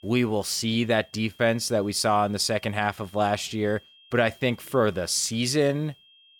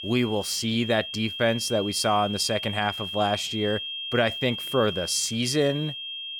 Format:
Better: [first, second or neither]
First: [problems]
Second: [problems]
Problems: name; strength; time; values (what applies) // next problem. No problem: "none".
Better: first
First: high-pitched whine; faint; throughout; 3 kHz, 30 dB below the speech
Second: high-pitched whine; loud; throughout; 3 kHz, 6 dB below the speech